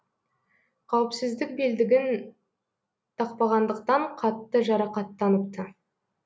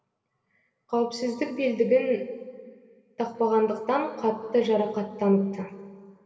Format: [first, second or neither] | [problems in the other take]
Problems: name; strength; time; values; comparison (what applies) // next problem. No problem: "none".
first | room echo; dies away in 2 s